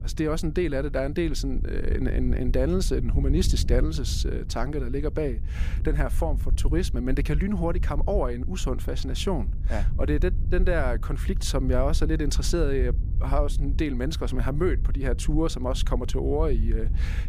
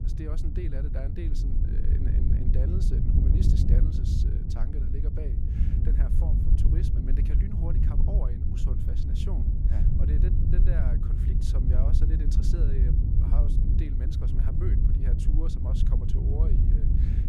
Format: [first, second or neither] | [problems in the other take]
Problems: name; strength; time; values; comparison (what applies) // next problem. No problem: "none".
first | wind noise on the microphone; heavy; 3 dB above the speech; occasional gusts in the first